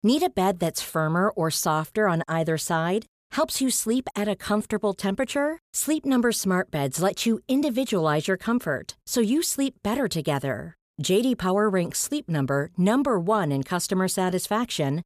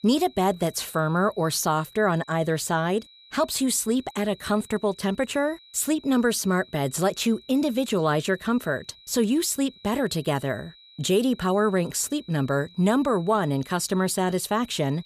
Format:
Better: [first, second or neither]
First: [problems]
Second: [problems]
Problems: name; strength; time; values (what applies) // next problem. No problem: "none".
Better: first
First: none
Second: high-pitched whine; faint; throughout; 4 kHz, 25 dB below the speech